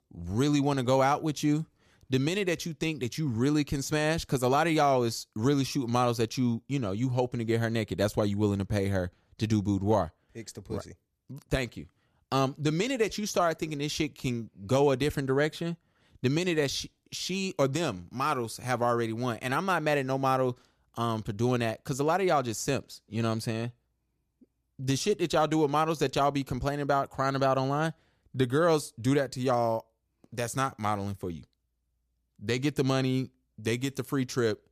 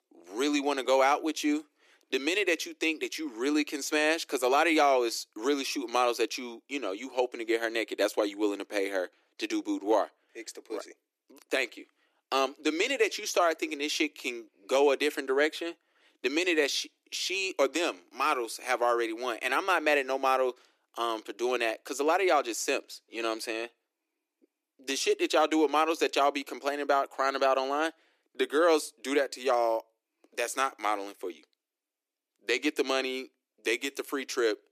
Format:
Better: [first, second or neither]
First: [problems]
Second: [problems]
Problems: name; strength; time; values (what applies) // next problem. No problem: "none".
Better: first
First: none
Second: thin; somewhat; fading below 300 Hz